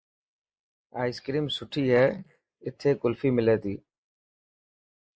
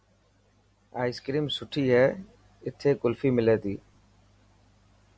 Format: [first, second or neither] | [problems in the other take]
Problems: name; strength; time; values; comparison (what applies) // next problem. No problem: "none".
second | noise reduction (neural mask model Resemble Enhance denoiser)